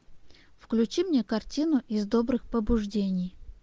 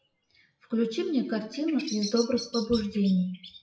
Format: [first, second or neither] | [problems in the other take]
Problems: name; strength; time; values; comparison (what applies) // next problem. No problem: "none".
first | noise reduction (classical method WPE with log-MMSE)